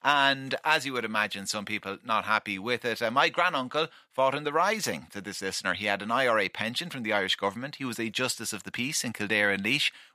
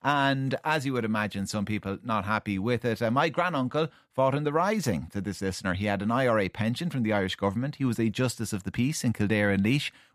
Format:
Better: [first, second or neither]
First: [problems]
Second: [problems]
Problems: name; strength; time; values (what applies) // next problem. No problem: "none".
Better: second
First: thin; somewhat; fading below 800 Hz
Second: none